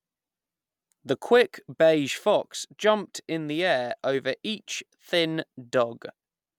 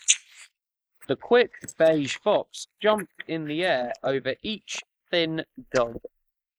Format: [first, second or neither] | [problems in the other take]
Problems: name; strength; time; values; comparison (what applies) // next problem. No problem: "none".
first | noise reduction (neural mask model Resemble Enhance denoiser)